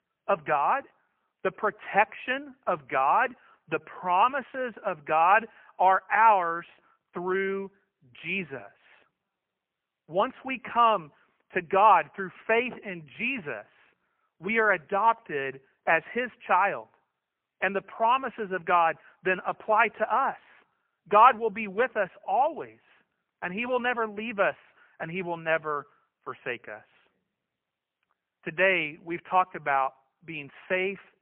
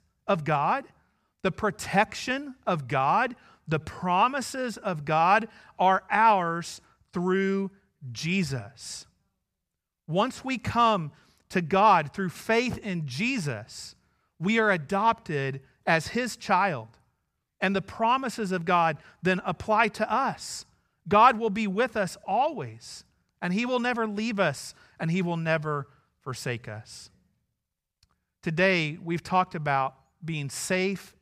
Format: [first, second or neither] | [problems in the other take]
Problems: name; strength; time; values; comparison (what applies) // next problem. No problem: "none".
second | phone-call audio; poor line; nothing above 3 kHz